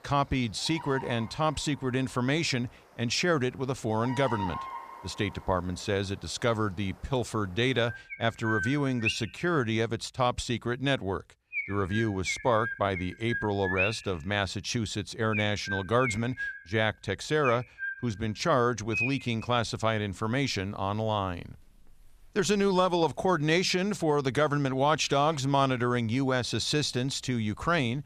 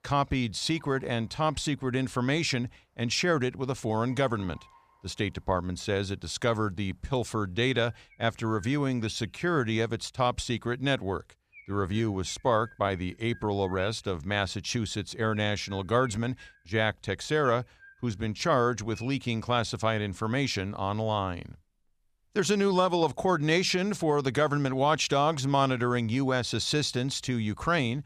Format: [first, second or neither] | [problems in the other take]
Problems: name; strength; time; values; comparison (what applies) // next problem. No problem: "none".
second | animal sounds; loud; throughout; 7 dB below the speech; faint in the second